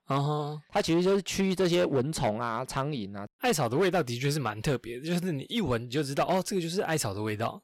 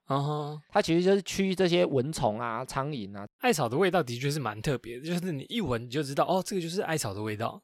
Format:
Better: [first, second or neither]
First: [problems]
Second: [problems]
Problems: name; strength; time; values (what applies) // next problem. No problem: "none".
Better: second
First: distortion; slight; 6% of the sound clipped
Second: none